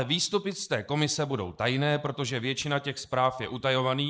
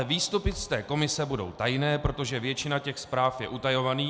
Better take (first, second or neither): second